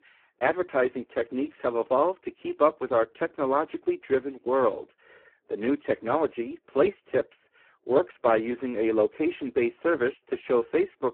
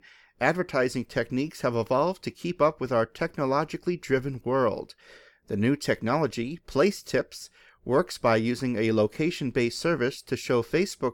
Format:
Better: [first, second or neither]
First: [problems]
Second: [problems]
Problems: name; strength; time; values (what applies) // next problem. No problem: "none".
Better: second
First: phone-call audio; poor line; nothing above 3.5 kHz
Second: none